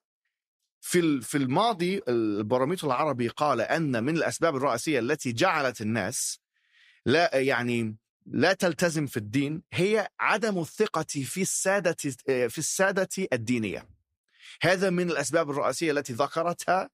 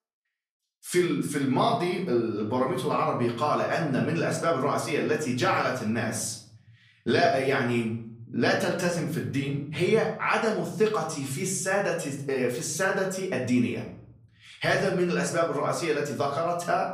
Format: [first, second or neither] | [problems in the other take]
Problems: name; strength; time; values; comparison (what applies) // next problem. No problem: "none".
first | room echo; slight; dies away in 0.6 s // off-mic speech; far